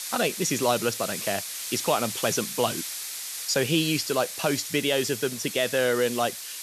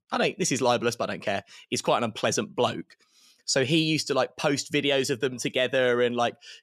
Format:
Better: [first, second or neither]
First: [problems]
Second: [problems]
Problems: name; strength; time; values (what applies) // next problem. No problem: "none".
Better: second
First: hiss; loud; throughout; 6 dB below the speech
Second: none